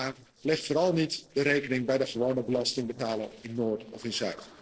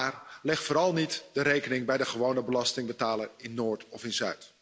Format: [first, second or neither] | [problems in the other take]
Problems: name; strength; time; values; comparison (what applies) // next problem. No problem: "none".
second | noise reduction (neural separator model SepFormer DNS4)